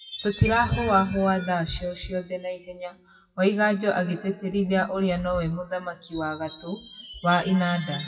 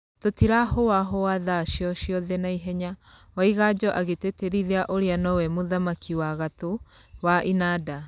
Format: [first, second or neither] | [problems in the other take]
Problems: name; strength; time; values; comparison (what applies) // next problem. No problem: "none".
second | noise reduction (classical method WPE with log-MMSE)